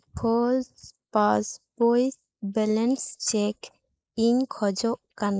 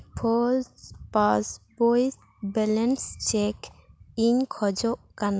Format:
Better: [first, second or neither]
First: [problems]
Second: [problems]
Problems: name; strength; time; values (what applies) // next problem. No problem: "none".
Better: second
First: noise reduction (neural mask model Resemble Enhance denoiser)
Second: none